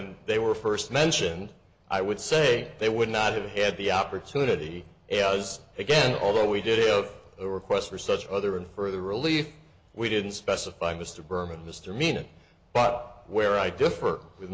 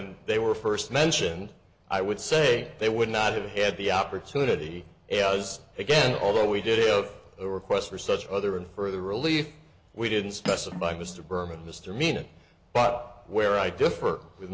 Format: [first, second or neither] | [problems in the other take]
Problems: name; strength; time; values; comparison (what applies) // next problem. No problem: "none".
first | background sound (Cutlery, silverware); 14 dB below the speech